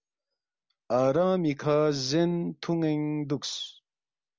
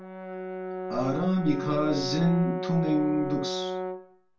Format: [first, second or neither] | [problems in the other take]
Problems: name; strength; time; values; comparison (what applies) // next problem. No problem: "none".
first | background sound (Brass instrument); 5 dB below the speech // room echo; dies away in 0.2 s